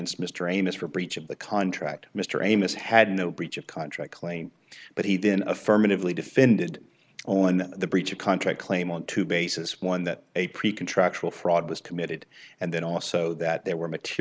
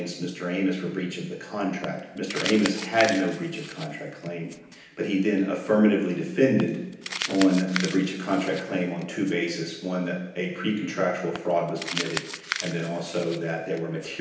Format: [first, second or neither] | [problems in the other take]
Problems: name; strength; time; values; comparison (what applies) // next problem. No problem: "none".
first | background sound (Crumpling, crinkling); 12 dB below the speech // room echo; dies away in 0.9 s